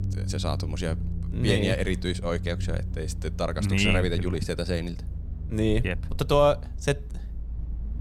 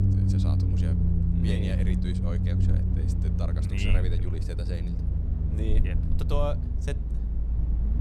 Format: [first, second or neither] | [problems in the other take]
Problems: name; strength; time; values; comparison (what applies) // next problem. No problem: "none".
first | low rumble; loud; throughout; 2 dB below the speech; faint in the first